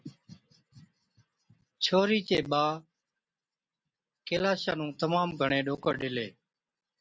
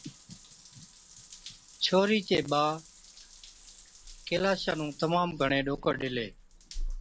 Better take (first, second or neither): first